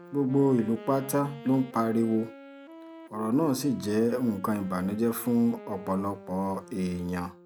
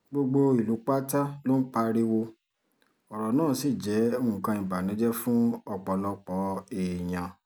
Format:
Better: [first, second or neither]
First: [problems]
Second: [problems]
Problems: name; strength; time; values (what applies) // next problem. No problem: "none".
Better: second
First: background sound (Wind instrument, woodwind instrument); 17 dB below the speech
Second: none